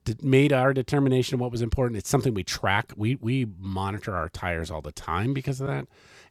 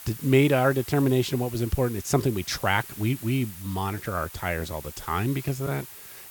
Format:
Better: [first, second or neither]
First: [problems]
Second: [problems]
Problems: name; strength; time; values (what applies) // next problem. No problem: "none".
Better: first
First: none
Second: hiss; noticeable; throughout; 15 dB below the speech